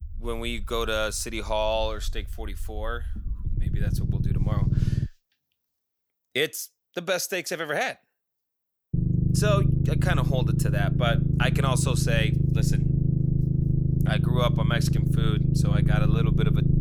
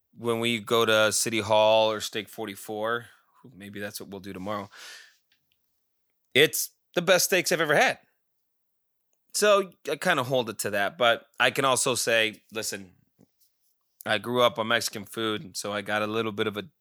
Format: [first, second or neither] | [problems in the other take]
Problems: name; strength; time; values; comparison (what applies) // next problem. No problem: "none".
second | low rumble; loud; until 5 s and from 9 s on; 5 dB below the speech